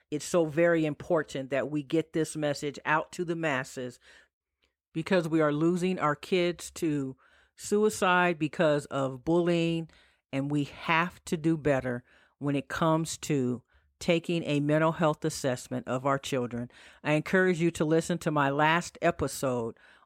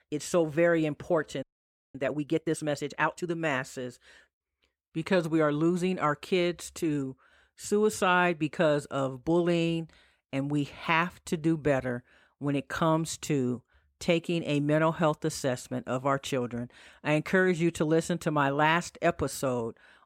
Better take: first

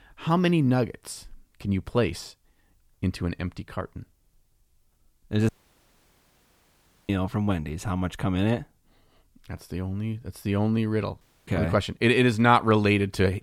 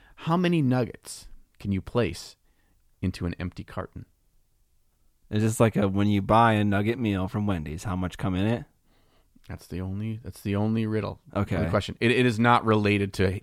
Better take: second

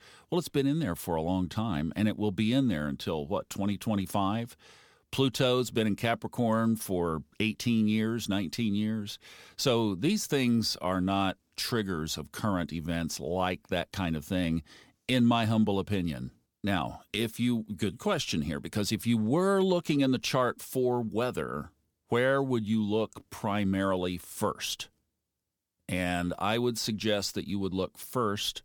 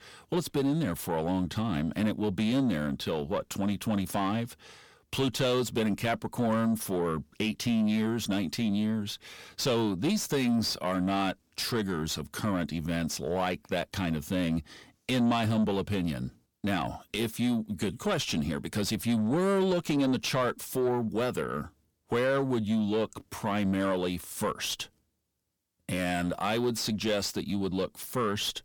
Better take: first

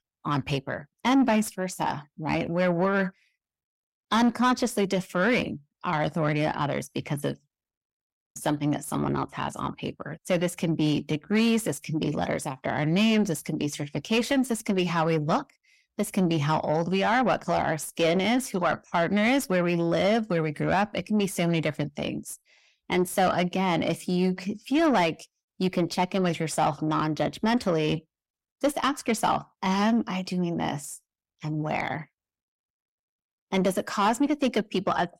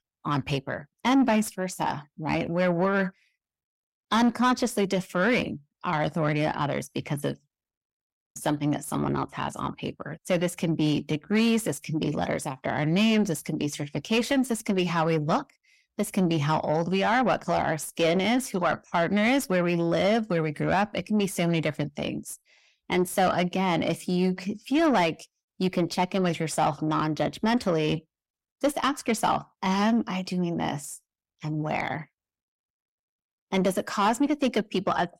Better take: neither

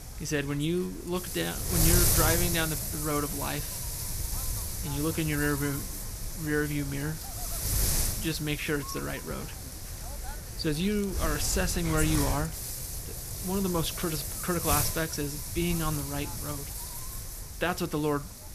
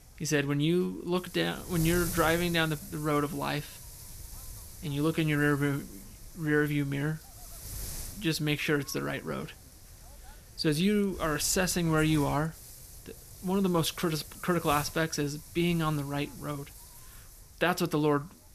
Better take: second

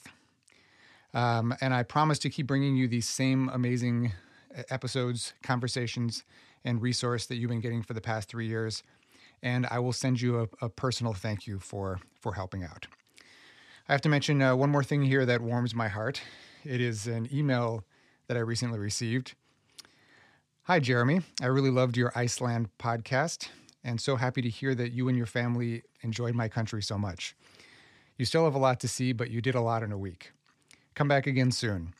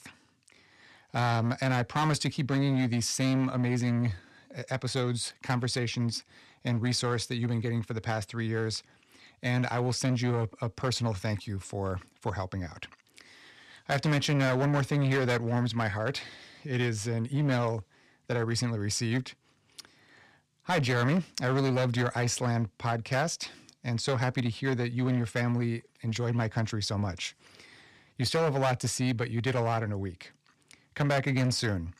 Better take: first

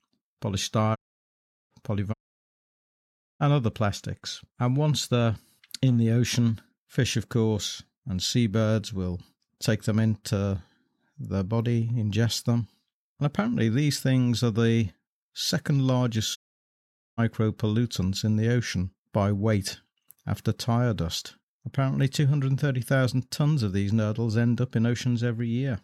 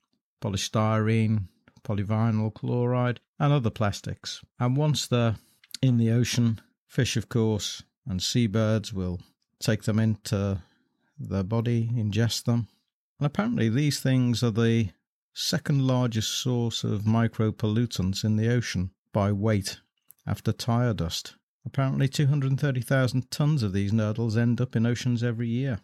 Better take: second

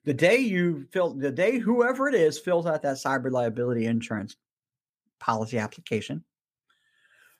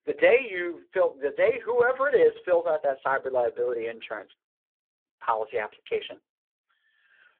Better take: first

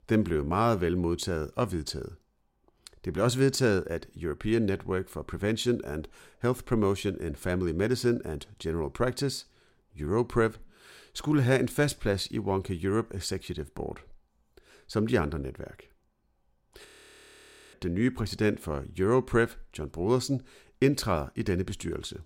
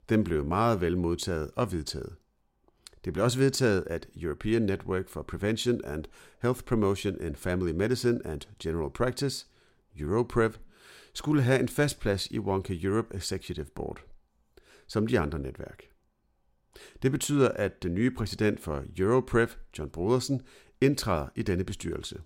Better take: second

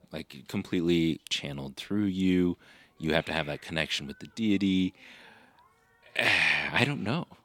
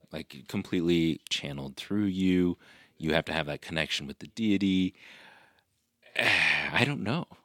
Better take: second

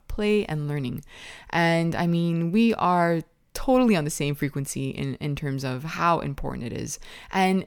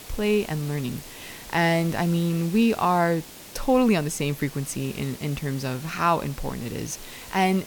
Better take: first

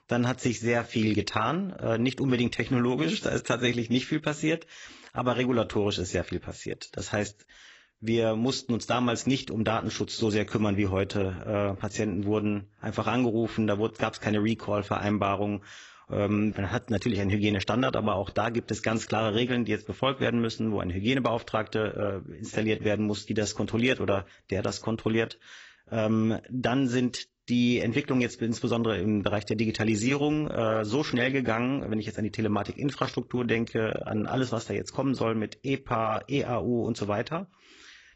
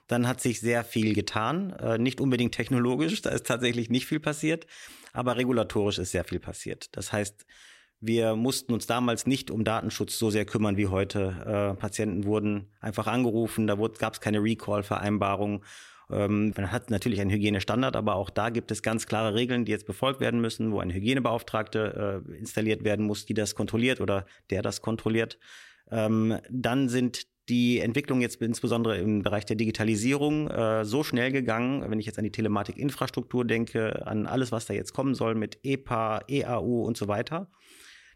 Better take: second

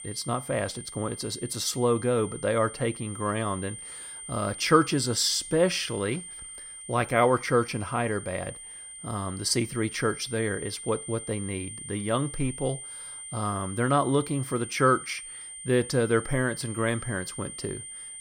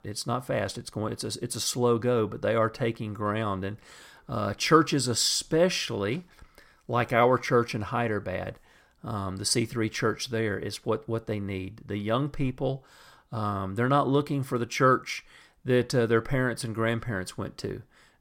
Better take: second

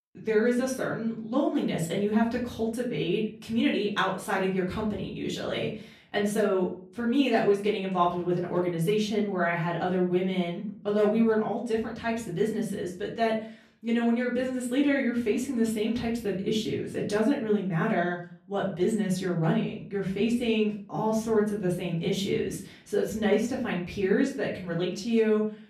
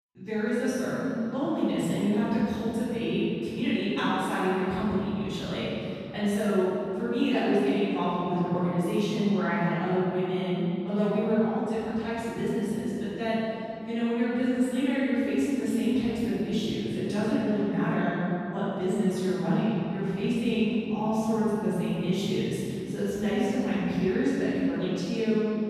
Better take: first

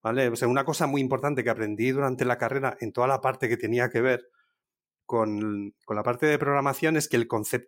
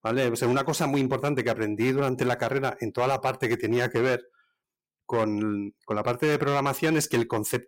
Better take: first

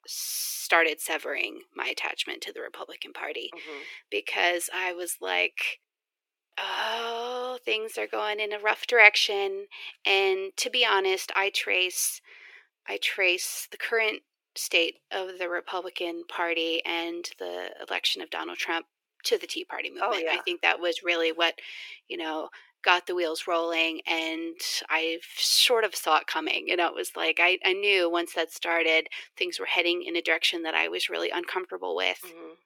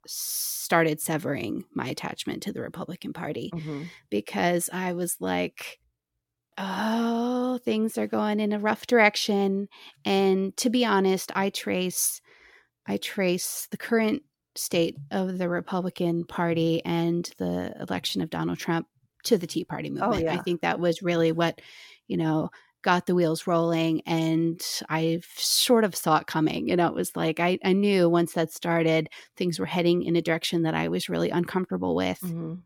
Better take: second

